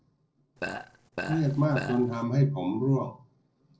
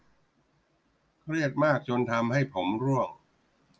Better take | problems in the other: second | noise reduction (neural separator model SepFormer DNS4)

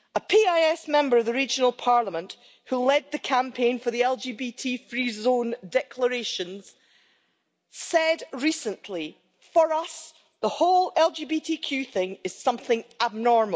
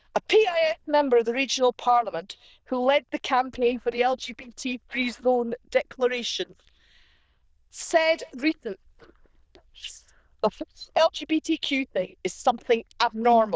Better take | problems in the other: first | noise reduction (neural diffusion model UNIVERSE++)

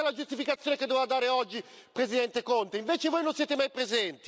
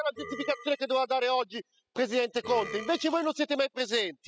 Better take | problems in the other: first | noise reduction (classical method spectral subtraction)

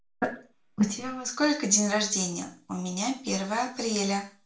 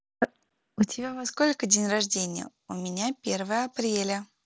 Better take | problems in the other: second | room echo; dies away in 0.4 s

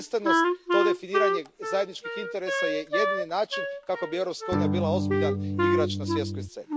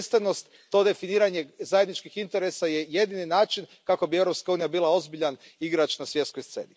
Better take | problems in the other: second | background sound (Wind instrument, woodwind instrument + Electric guitar / Strum); 4 dB above the speech

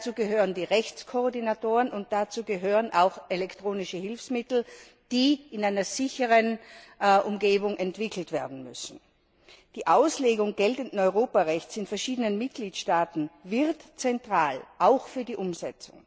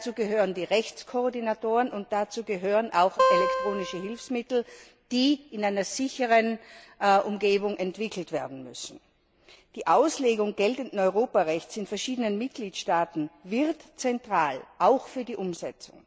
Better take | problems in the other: first | background sound (Acoustic guitar); 1 dB above the speech

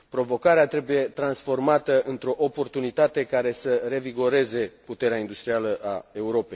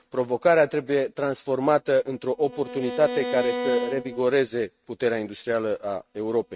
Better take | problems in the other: first | noise reduction (neural mask model RNNoise)

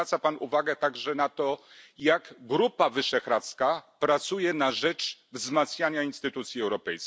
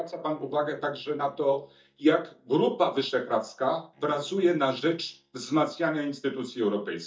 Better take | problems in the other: first | noise reduction (neural mask model DeepFilterNet 3)

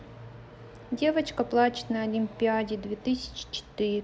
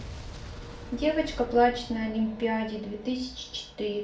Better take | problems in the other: first | background sound (Explosion); 14 dB below the speech // room echo; dies away in 0.4 s

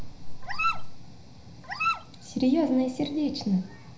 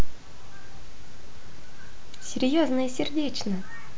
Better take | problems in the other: second | background sound (Dog); 5 dB below the speech // room echo; dies away in 0.9 s

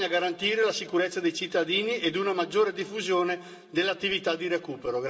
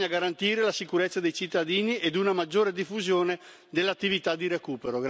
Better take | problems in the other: second | room echo; dies away in 2.2 s

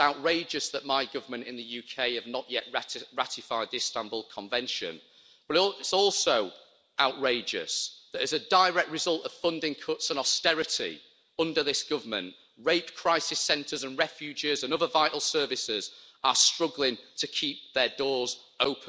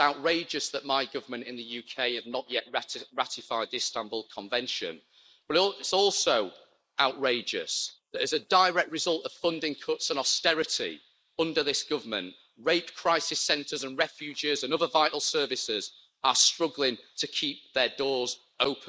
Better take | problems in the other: first | noise reduction (neural mask model Resemble Enhance denoiser)

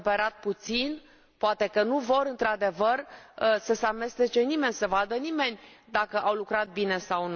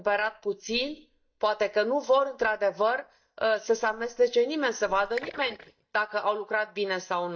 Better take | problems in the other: first | noise reduction (neural mask model DeepFilterNet 3)

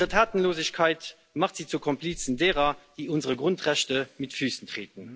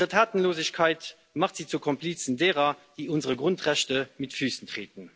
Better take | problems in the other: second | background sound (Respiratory sounds); 17 dB below the speech

